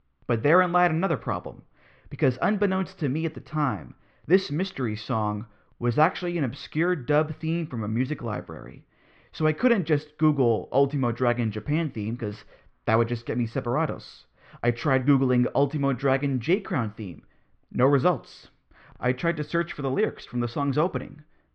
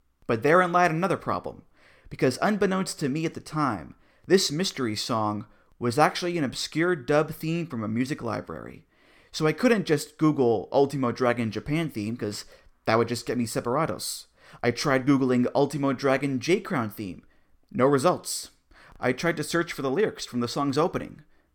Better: second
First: muffled; slightly; fading above 3.5 kHz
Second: none

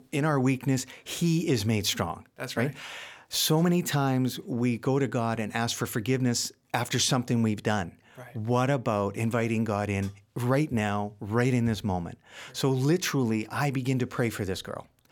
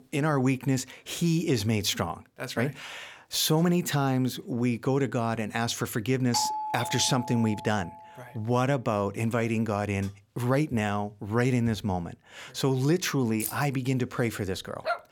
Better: first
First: none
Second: doorbell; noticeable; from 6.5 to 8 s; peak 2 dB below the speech // jangling keys; noticeable; at 13 s; peak 7 dB below the speech // dog barking; noticeable; at 15 s; peak 5 dB below the speech

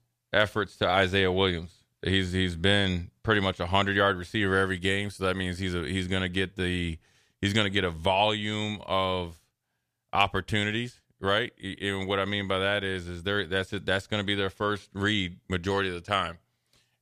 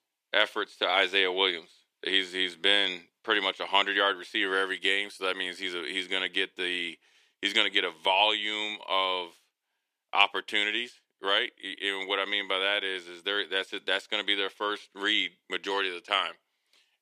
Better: first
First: none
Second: thin; somewhat; fading below 300 Hz

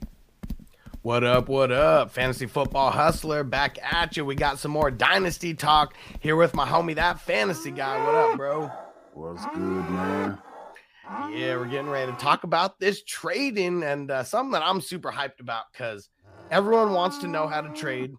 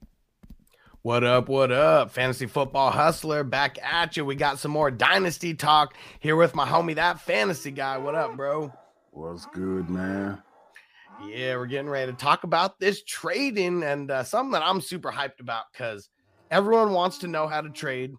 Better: second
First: animal sounds; loud; throughout; 9 dB below the speech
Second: animal sounds; faint; throughout; 25 dB below the speech

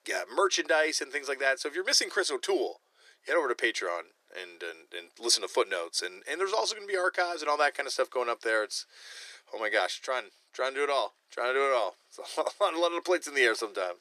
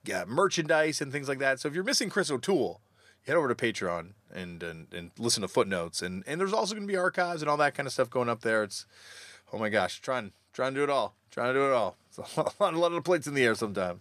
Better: second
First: thin; very; fading below 350 Hz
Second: none

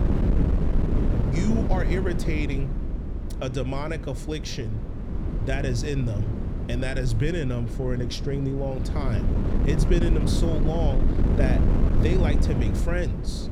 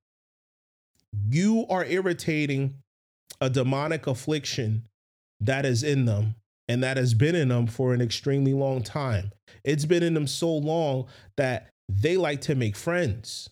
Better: second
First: wind noise on the microphone; heavy; 3 dB below the speech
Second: none

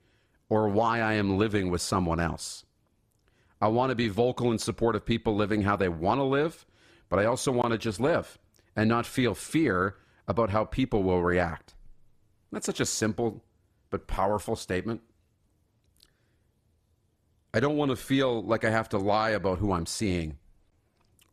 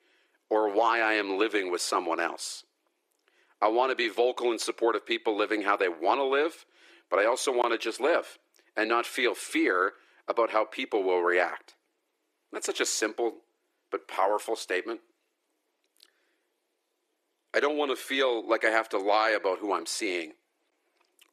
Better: first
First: none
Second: thin; very; fading below 350 Hz

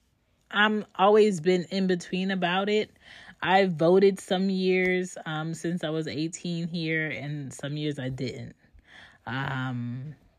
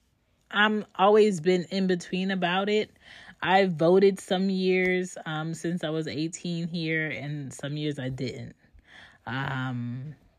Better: neither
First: none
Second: none

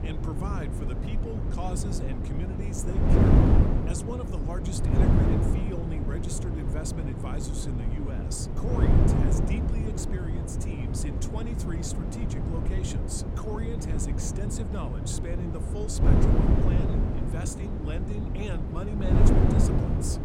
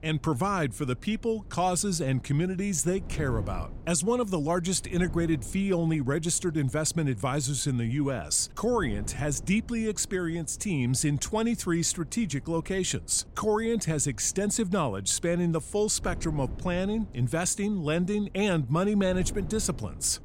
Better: second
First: wind noise on the microphone; heavy; 4 dB above the speech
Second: wind noise on the microphone; occasional gusts; 25 dB below the speech

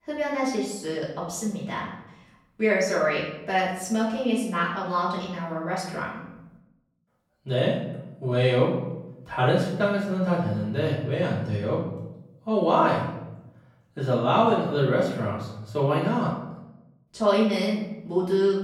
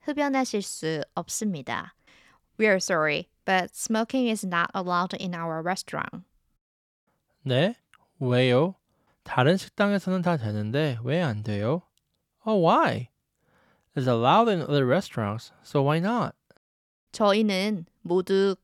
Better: second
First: off-mic speech; far // room echo; noticeable; dies away in 0.8 s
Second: none

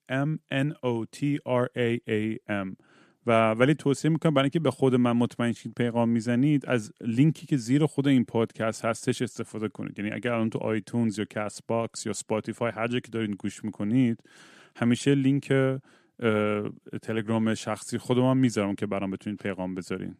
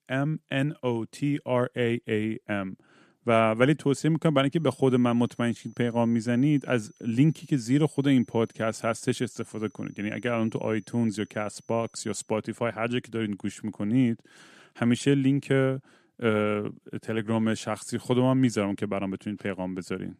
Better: first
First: none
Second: high-pitched whine; faint; from 4.5 to 12 s; 6 kHz, 35 dB below the speech

